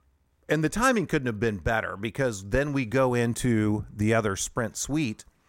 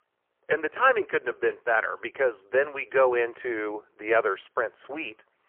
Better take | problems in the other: first | phone-call audio; poor line

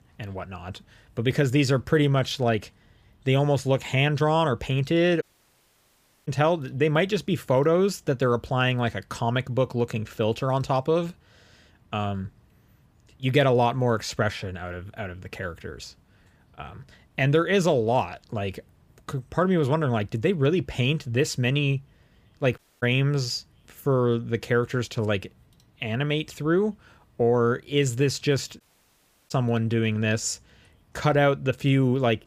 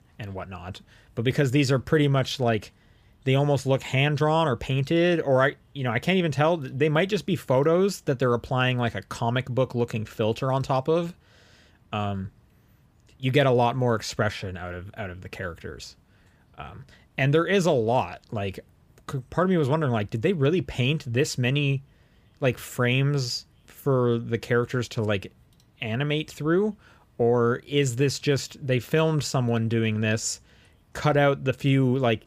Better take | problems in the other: second | audio cutting out; at 5 s for 1 s, at 23 s and at 29 s for 0.5 s

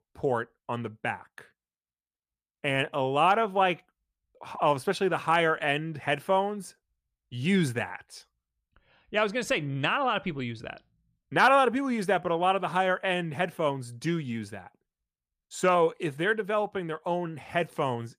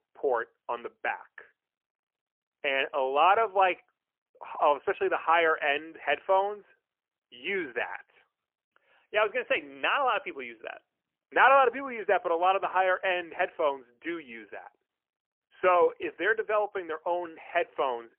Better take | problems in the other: first | phone-call audio; poor line; nothing above 3 kHz

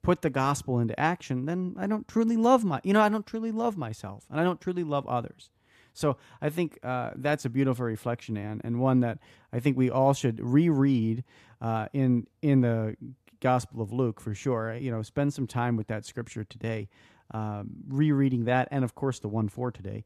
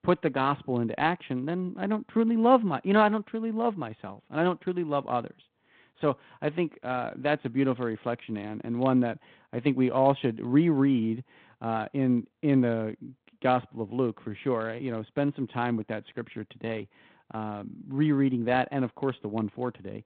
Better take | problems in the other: first | phone-call audio; nothing above 4 kHz

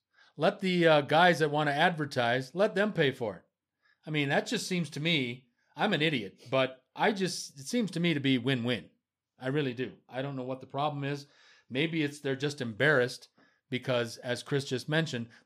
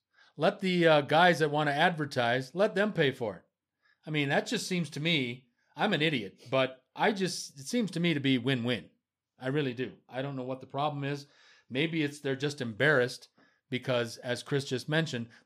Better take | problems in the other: neither | none

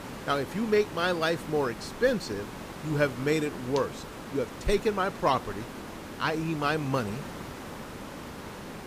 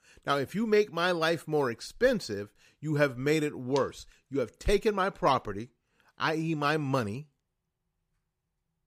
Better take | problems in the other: second | hiss; noticeable; throughout; 10 dB below the speech

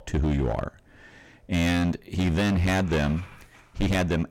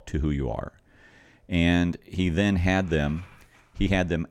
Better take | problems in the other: second | distortion; heavy; 18% of the sound clipped

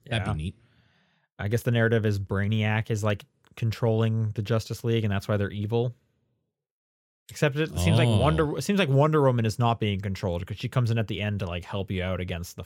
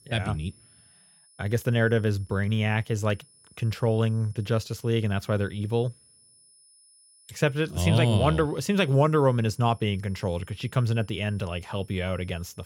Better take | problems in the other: first | high-pitched whine; faint; throughout; 10 kHz, 30 dB below the speech

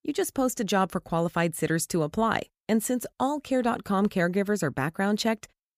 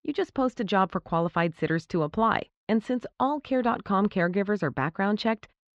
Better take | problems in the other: first | muffled; slightly; fading above 4 kHz

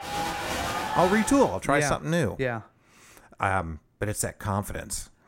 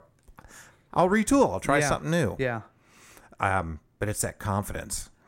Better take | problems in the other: second | crowd noise; loud; until 1 s; 4 dB below the speech

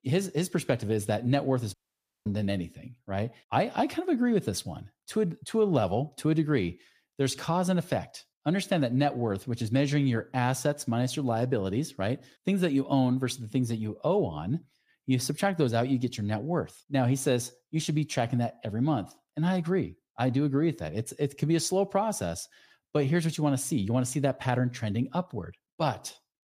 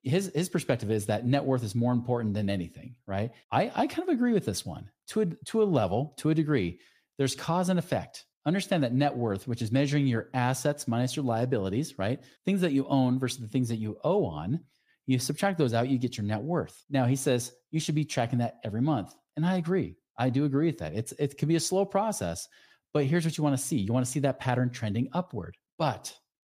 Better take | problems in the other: second | audio cutting out; at 1.5 s for 0.5 s

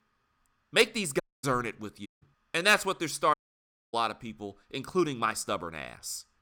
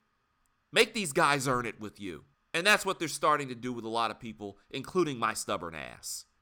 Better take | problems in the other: second | audio cutting out; at 1 s, at 2 s and at 3.5 s for 0.5 s

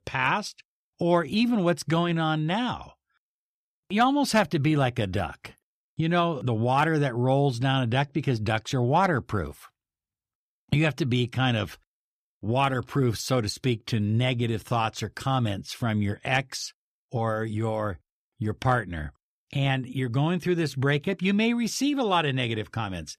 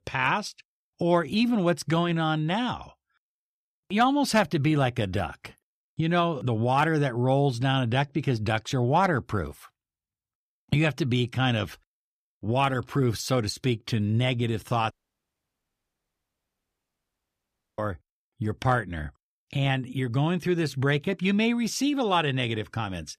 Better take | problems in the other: first | audio cutting out; at 15 s for 3 s

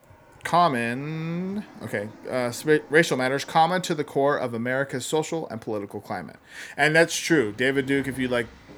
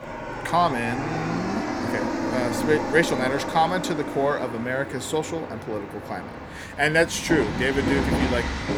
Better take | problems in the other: first | train or aircraft noise; loud; throughout; 4 dB below the speech; faint in the first

